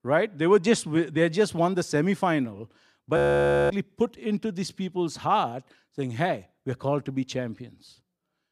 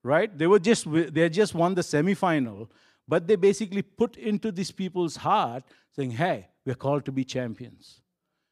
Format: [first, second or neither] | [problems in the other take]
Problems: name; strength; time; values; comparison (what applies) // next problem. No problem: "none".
second | audio freezing; at 3 s for 0.5 s